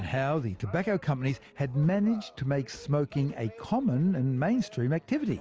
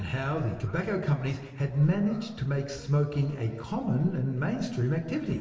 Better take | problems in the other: first | room echo; dies away in 1.4 s

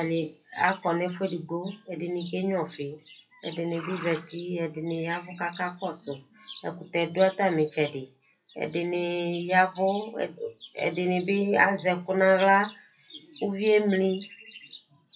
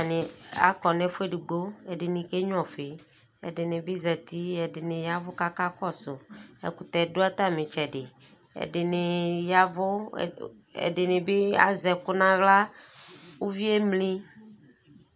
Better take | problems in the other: second | noise reduction (classical method WPE with log-MMSE)

